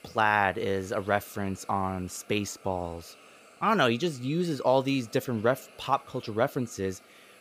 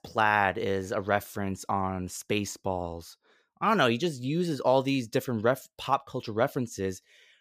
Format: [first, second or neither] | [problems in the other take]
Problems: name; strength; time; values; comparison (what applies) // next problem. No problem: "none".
second | hiss; faint; throughout; 25 dB below the speech